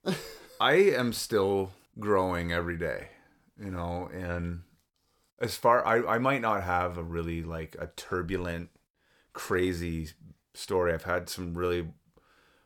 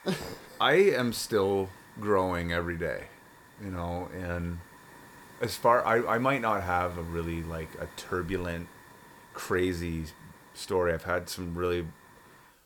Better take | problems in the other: first | hiss; faint; throughout; 20 dB below the speech

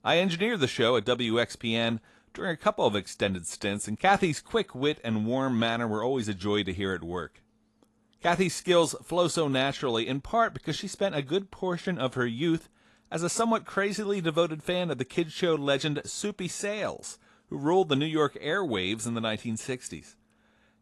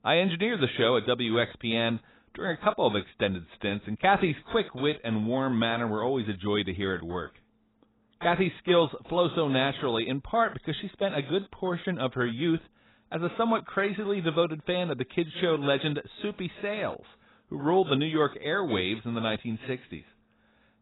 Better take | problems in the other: first | garbled, watery; badly; nothing above 4 kHz; slightly in the first

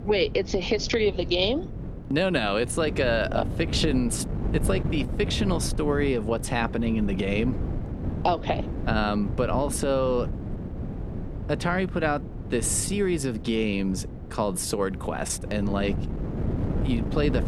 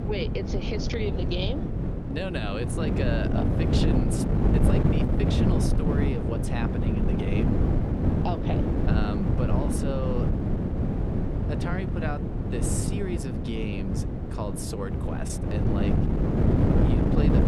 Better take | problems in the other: first | wind noise on the microphone; heavy; 2 dB above the speech; occasional gusts in the first

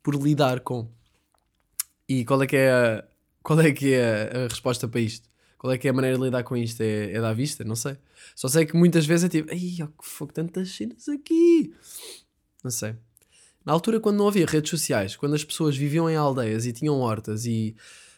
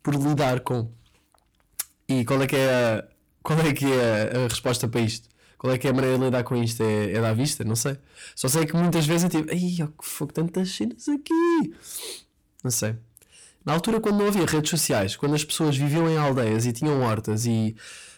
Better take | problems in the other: first | distortion; heavy; 7 dB below the speech

